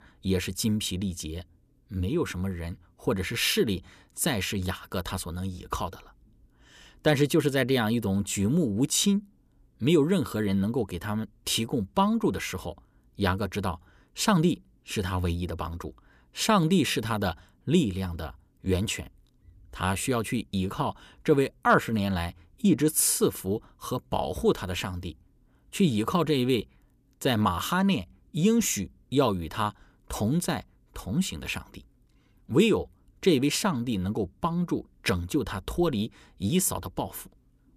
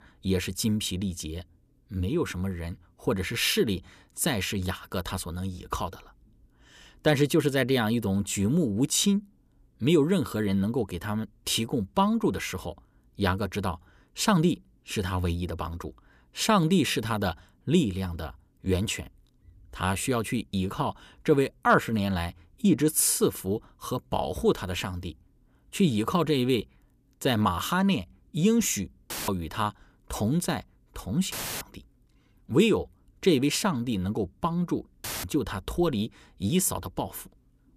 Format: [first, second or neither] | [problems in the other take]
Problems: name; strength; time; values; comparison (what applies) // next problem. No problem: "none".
first | audio cutting out; filled with static; at 29 s, at 31 s and at 35 s